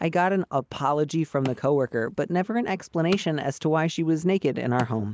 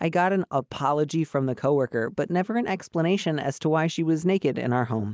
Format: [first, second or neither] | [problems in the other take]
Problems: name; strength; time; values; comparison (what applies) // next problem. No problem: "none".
second | background sound (Wood); 19 dB below the speech